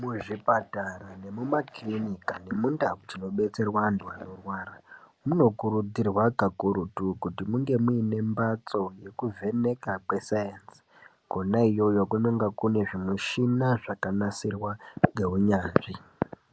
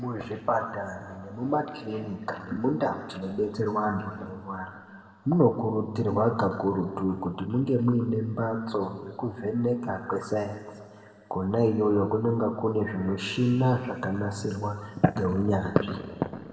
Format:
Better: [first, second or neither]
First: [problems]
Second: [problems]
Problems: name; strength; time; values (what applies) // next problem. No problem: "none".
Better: first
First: none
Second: room echo; dies away in 2 s